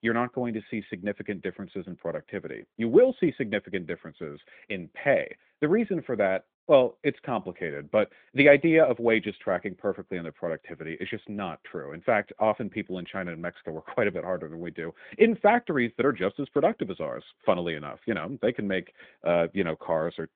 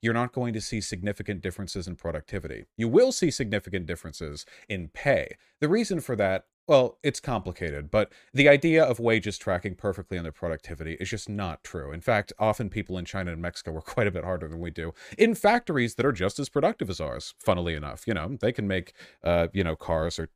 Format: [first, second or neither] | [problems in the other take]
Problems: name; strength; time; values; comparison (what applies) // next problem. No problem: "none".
second | phone-call audio